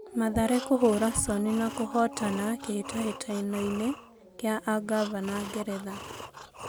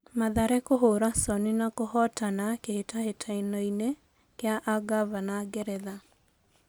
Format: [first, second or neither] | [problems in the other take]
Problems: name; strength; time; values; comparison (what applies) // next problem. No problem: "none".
second | background sound (Dog + Breathing); 12 dB below the speech